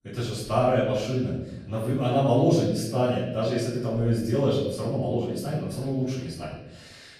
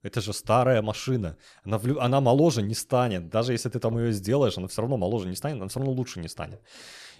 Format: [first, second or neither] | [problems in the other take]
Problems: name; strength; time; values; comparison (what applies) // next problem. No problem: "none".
second | off-mic speech; far // room echo; noticeable; dies away in 0.9 s